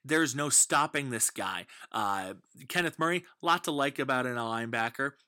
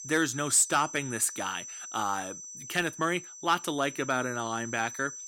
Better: first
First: none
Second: high-pitched whine; noticeable; throughout; 6 kHz, 10 dB below the speech

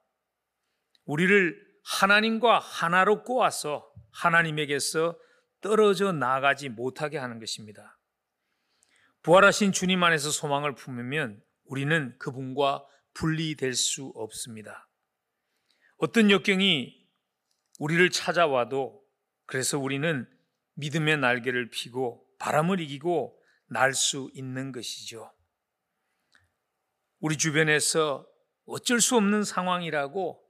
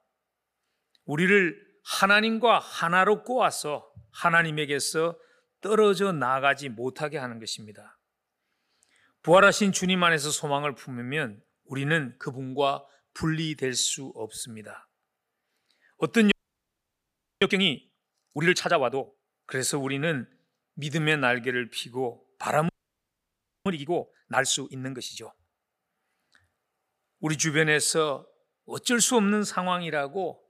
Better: first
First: none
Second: audio freezing; at 16 s for 1 s and at 23 s for 1 s

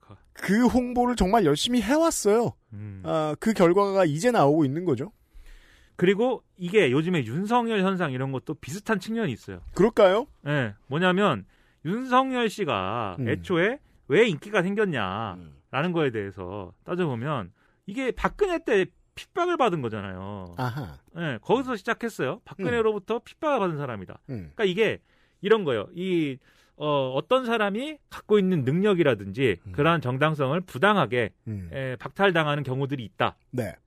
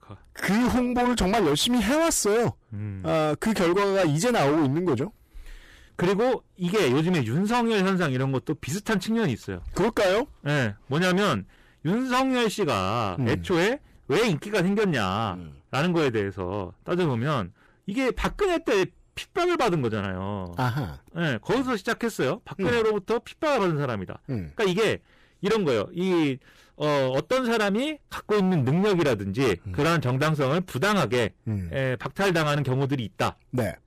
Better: first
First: none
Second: distortion; heavy; 18% of the sound clipped

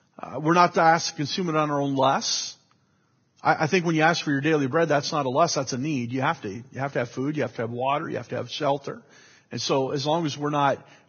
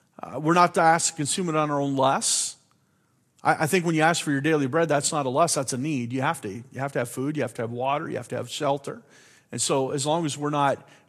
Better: second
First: garbled, watery; badly; nothing above 6.5 kHz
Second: garbled, watery; slightly

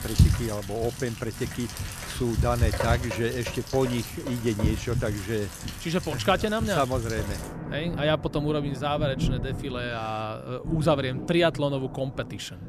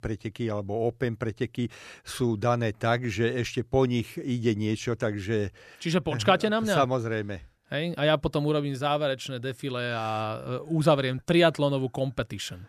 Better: second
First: rain or running water; loud; throughout; 4 dB below the speech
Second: none

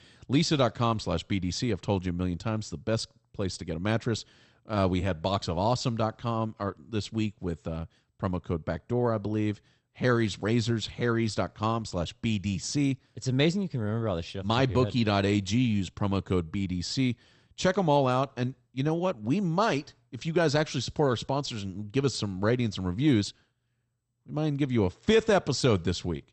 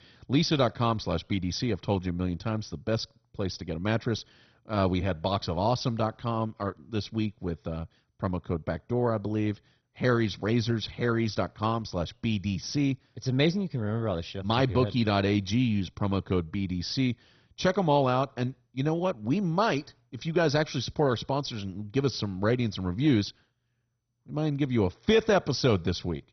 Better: first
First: garbled, watery; slightly; nothing above 8.5 kHz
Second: garbled, watery; badly; nothing above 6 kHz

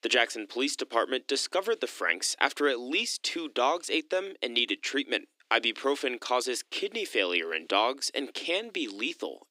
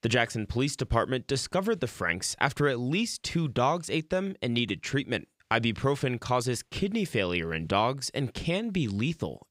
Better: second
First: thin; somewhat; fading below 300 Hz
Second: none

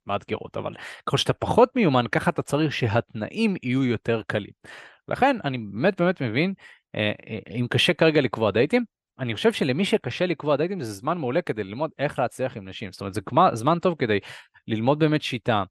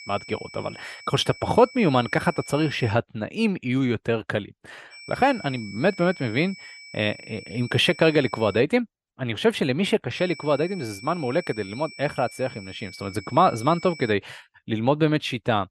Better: first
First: none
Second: high-pitched whine; noticeable; until 3 s, from 5 to 8.5 s and from 10 to 14 s; 2.5 kHz, 15 dB below the speech

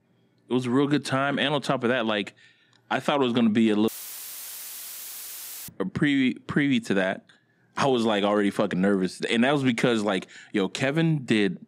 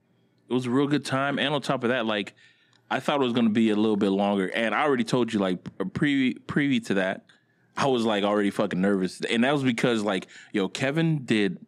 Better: second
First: audio cutting out; filled with static; at 4 s for 2 s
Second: none

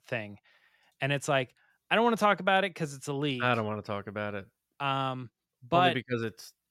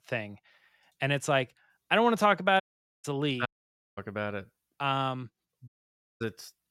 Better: first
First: none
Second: audio cutting out; at 2.5 s, at 3.5 s for 0.5 s and at 5.5 s for 0.5 s

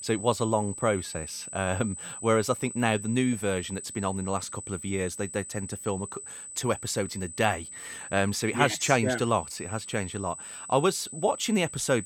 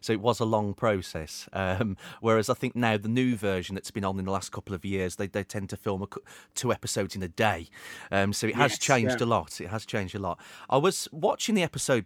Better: second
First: high-pitched whine; loud; throughout; 8 kHz, 10 dB below the speech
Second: none

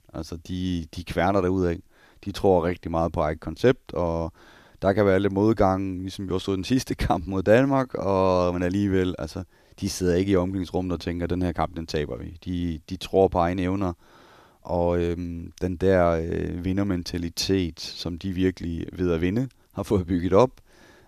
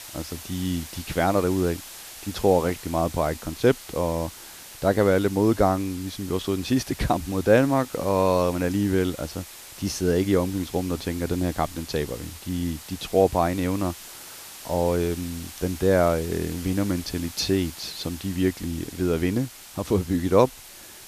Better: first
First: none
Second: hiss; noticeable; throughout; 15 dB below the speech

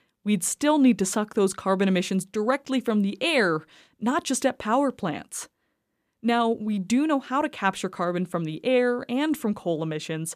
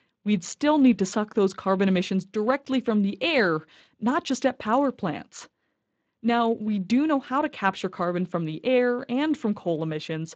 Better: first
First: none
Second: garbled, watery; slightly; nothing above 7.5 kHz

